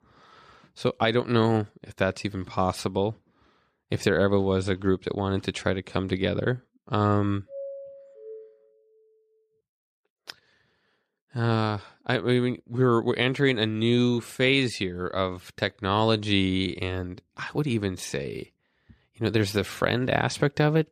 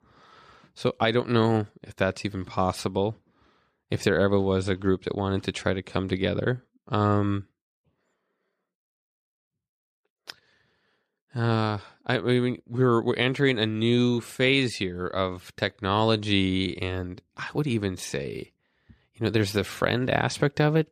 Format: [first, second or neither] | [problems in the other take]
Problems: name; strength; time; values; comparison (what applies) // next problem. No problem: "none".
second | doorbell; faint; from 7.5 to 8.5 s; peak 10 dB below the speech